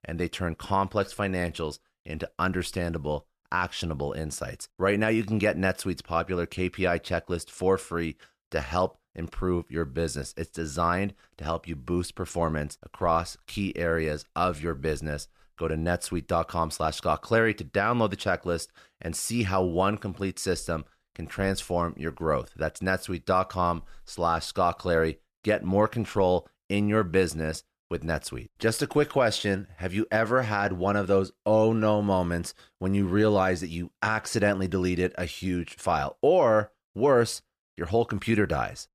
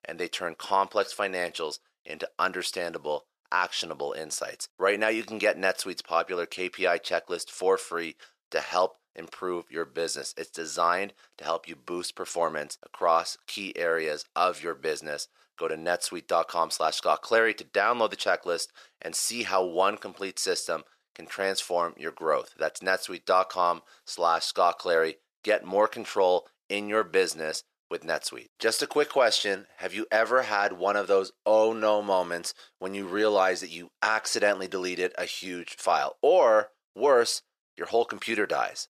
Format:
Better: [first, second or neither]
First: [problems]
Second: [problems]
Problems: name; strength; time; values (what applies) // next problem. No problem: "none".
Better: first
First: none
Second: thin; very; fading below 500 Hz